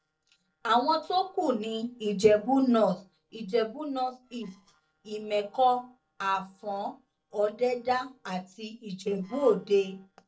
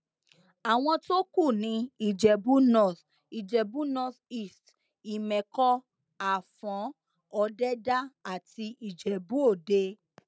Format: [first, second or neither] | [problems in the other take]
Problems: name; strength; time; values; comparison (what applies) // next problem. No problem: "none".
second | noise reduction (neural separator model SepFormer DNS4)